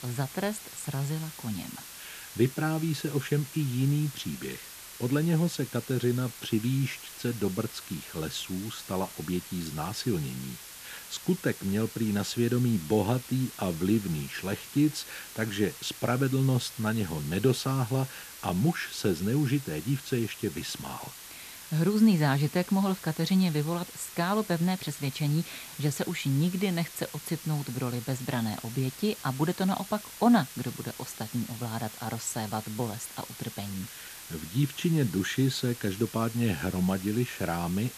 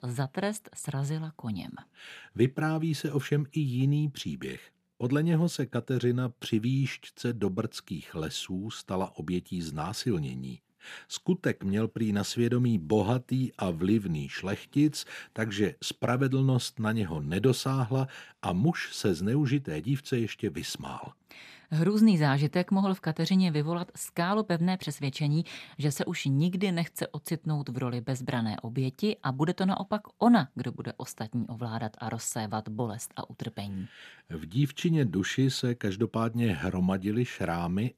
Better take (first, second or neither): second